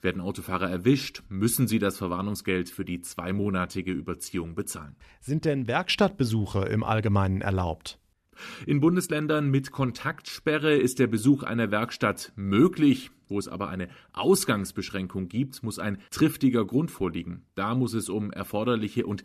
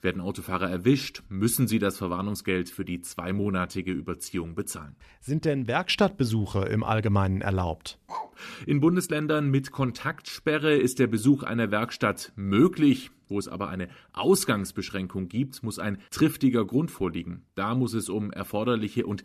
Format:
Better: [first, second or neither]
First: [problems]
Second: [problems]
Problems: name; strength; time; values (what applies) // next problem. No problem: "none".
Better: first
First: none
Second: dog barking; faint; at 8 s; peak 10 dB below the speech